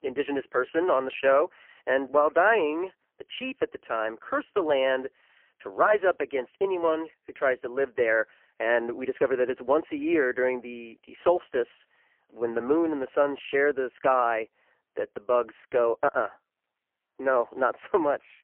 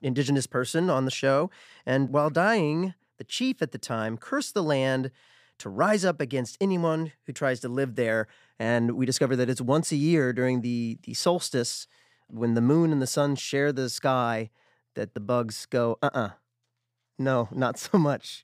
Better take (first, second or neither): second